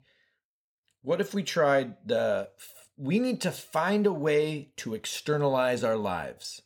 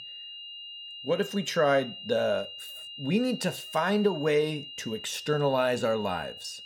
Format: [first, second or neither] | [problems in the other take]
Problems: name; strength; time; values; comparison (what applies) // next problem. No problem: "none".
first | high-pitched whine; noticeable; throughout; 3 kHz, 10 dB below the speech